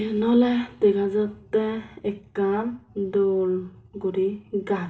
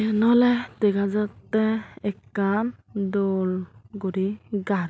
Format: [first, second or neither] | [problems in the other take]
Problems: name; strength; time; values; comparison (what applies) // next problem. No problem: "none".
second | room echo; dies away in 0.4 s